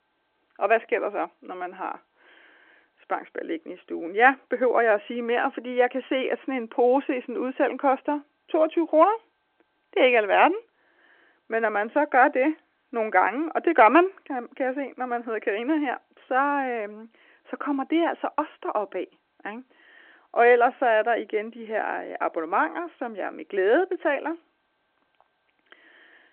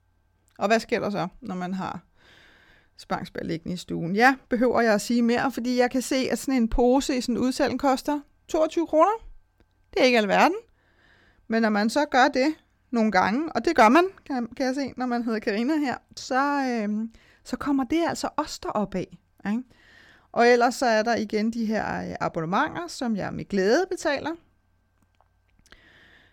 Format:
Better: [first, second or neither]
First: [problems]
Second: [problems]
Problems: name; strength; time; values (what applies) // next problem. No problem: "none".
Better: second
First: phone-call audio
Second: none